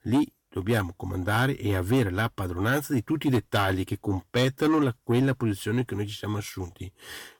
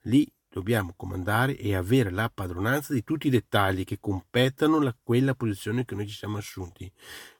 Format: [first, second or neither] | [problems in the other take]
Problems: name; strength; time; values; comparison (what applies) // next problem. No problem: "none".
second | distortion; slight; 10 dB below the speech